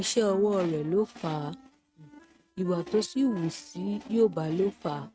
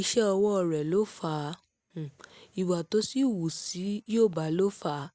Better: second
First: noise reduction (neural mask model RNNoise)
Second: none

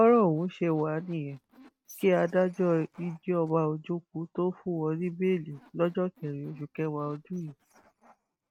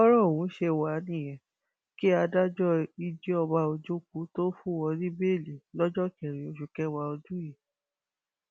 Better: second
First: noise reduction (neural mask model RNNoise)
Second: none

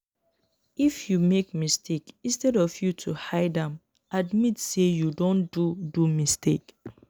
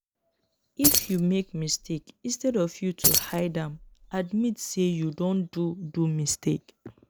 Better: first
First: none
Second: background sound (Keys jangling); as loud as the speech

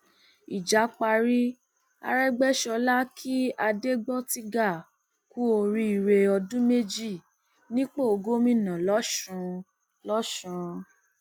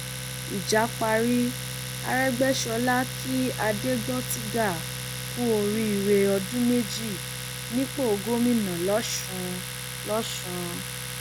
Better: first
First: none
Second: background sound (Domestic sounds, home sounds); 6 dB below the speech

